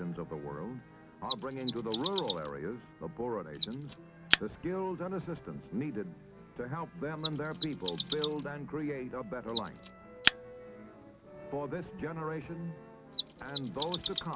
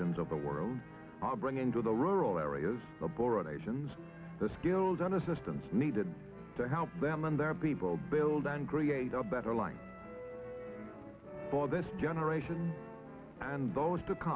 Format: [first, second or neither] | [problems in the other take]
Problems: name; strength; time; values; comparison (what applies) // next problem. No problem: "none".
second | background sound (Mechanisms); 2 dB below the speech